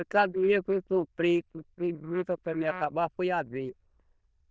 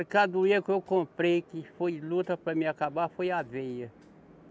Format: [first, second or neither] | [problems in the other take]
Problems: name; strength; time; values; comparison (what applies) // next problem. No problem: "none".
second | noise reduction (neural diffusion model UNIVERSE++)